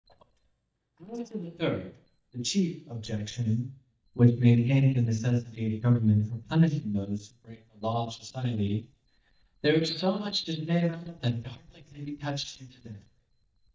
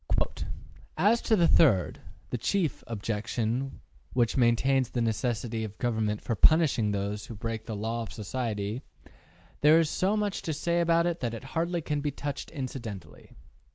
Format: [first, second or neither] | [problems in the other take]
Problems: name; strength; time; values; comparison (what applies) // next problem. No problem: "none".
second | noise reduction (neural mask model DeepFilterNet 3)